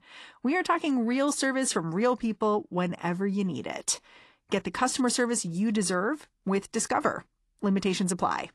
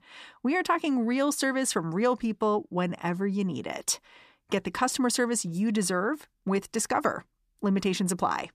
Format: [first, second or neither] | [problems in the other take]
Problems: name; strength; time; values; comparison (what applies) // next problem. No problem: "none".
second | garbled, watery; slightly